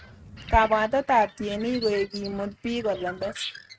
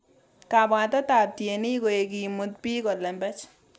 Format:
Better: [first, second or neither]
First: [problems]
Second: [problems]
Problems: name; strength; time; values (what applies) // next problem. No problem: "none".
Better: second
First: noise reduction (neural mask model RNNoise)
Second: none